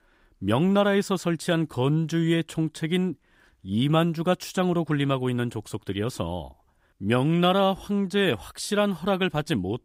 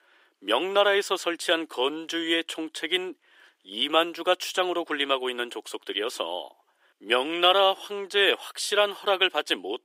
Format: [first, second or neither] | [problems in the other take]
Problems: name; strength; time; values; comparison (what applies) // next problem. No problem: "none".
first | thin; very; fading below 350 Hz